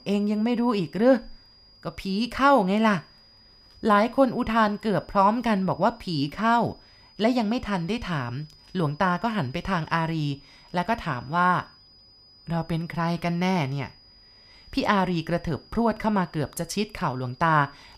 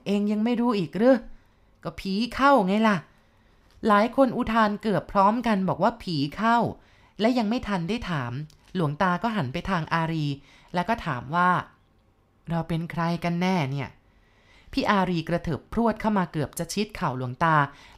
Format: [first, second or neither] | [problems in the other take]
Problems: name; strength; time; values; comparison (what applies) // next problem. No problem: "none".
second | high-pitched whine; faint; throughout; 5 kHz, 25 dB below the speech